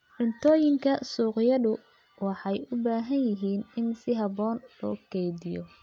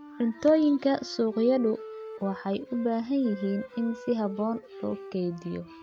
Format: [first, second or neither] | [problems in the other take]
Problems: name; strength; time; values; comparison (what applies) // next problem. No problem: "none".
first | background sound (Wind instrument, woodwind instrument); 16 dB below the speech